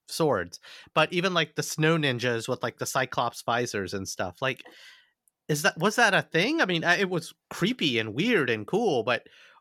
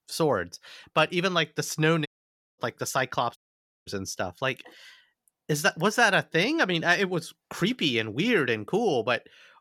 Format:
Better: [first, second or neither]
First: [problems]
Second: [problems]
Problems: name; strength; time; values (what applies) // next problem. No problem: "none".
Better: first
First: none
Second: audio cutting out; at 2 s for 0.5 s and at 3.5 s for 0.5 s